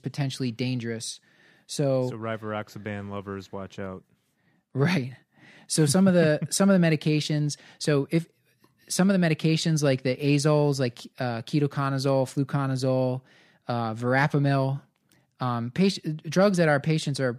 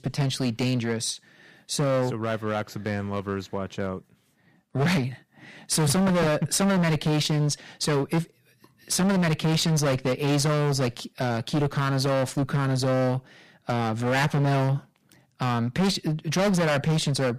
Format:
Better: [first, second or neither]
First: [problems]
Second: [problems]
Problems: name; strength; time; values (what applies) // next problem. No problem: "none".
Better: first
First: none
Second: distortion; heavy; 19% of the sound clipped